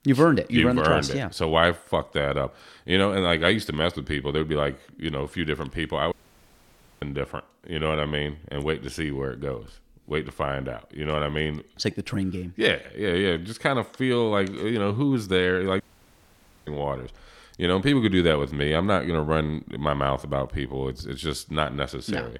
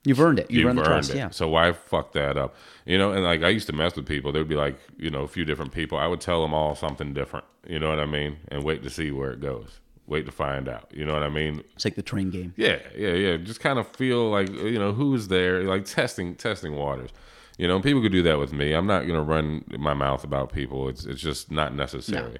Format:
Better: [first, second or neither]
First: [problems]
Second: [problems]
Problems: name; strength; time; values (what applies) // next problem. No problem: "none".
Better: second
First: audio cutting out; at 6 s for 1 s and at 16 s for 1 s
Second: none